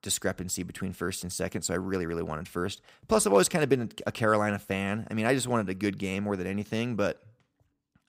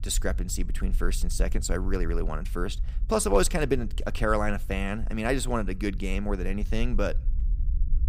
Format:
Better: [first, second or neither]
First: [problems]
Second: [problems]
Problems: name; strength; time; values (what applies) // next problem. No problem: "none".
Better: first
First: none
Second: low rumble; faint; throughout; 25 dB below the speech